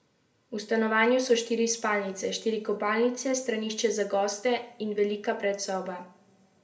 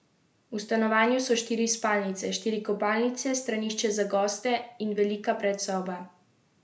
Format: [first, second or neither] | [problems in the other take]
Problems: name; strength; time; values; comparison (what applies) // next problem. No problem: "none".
second | room echo; dies away in 0.6 s